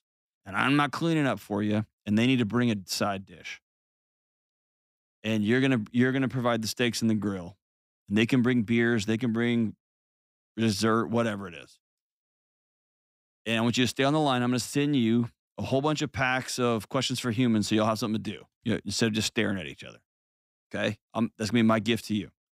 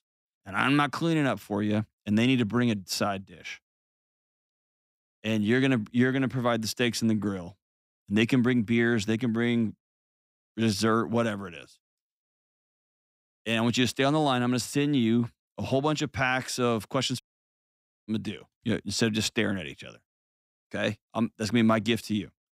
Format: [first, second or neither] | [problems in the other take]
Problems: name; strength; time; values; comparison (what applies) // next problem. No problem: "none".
first | audio cutting out; at 17 s for 1 s